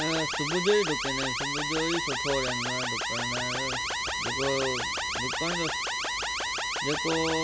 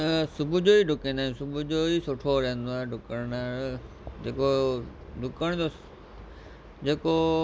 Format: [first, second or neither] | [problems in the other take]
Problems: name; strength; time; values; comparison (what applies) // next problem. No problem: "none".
second | background sound (Alarm); 1 dB above the speech